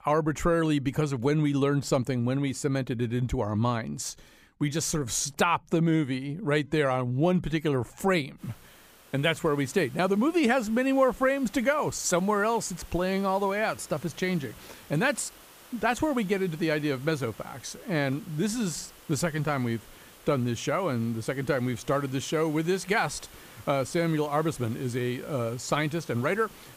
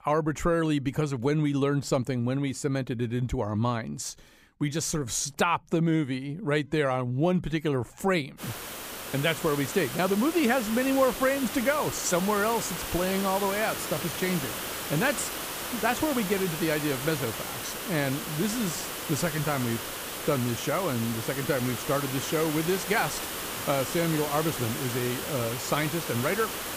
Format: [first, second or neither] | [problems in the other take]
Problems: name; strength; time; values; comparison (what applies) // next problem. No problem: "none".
first | hiss; loud; from 8.5 s on; 5 dB below the speech; faint in the first